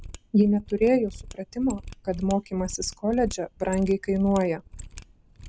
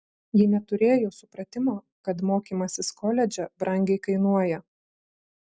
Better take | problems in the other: second | background sound (Mechanisms); 15 dB below the speech

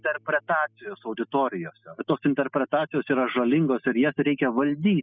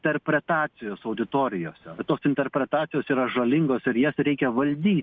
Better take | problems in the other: second | noise reduction (classical method spectral subtraction)

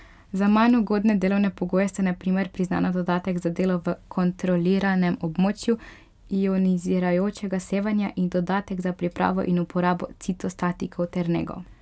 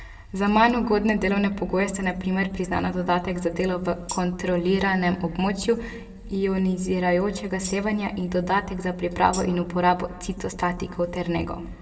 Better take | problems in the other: first | background sound (Tambourine); 18 dB below the speech // room echo; dies away in 1.4 s

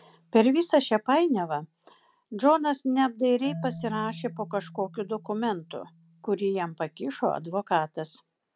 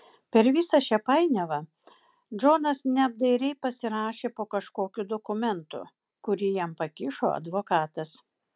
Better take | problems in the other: second | background sound (Marimba, xylophone); 19 dB below the speech

